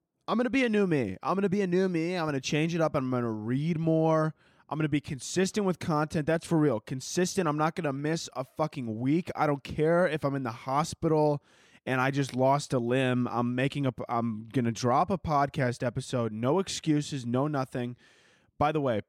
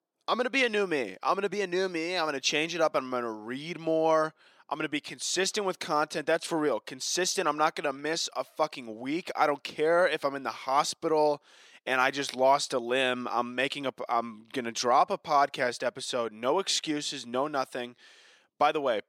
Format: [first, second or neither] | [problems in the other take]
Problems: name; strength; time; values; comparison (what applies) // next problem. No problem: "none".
first | thin; somewhat; fading below 450 Hz